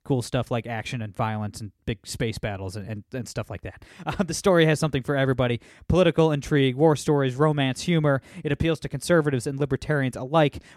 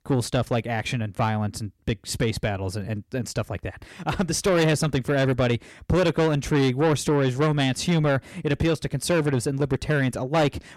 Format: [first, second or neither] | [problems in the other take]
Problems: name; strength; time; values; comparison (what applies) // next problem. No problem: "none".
first | distortion; heavy; 8 dB below the speech